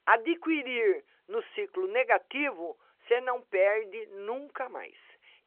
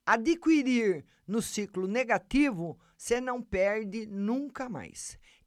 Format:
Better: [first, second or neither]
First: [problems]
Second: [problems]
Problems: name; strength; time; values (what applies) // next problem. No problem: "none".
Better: second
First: phone-call audio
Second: none